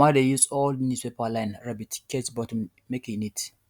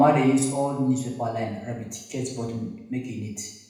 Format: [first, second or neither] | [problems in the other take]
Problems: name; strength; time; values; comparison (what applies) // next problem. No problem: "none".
first | room echo; dies away in 0.8 s